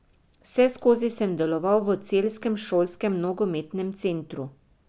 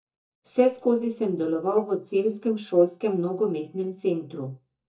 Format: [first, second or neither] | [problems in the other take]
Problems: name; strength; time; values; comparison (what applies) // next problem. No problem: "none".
first | noise reduction (neural mask model DeepFilterNet 3)